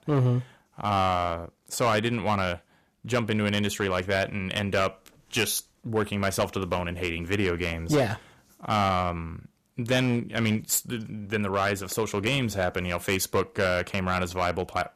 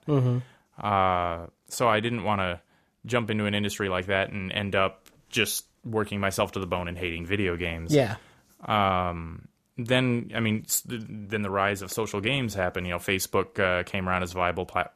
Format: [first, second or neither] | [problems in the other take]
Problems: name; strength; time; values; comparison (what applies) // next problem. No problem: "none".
second | distortion; slight; 4% of the sound clipped